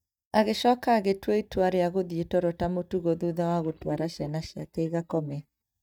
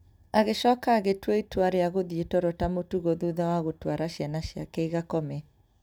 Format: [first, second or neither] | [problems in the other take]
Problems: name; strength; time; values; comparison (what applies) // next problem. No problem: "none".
second | noise reduction (neural mask model DeepFilterNet 3)